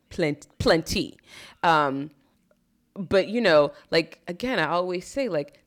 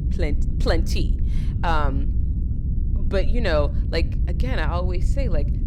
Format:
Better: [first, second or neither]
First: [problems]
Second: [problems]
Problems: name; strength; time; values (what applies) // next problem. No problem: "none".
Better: first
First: none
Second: low rumble; noticeable; throughout; 15 dB below the speech